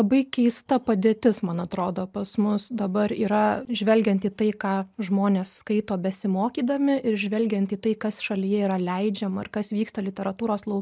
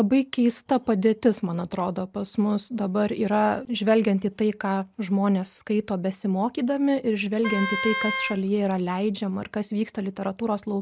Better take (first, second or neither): first